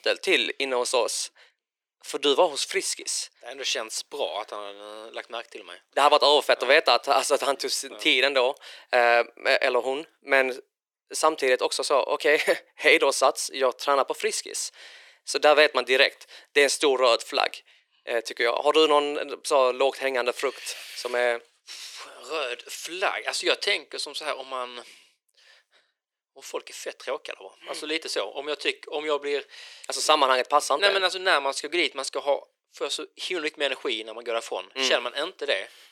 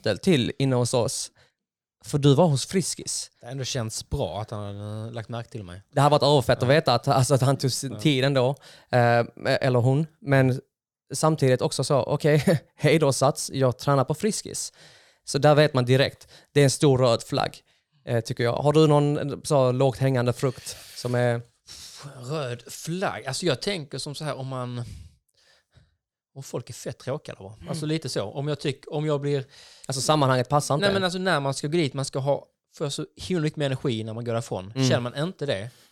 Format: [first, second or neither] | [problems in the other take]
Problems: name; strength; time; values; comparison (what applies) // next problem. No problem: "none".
second | thin; very; fading below 350 Hz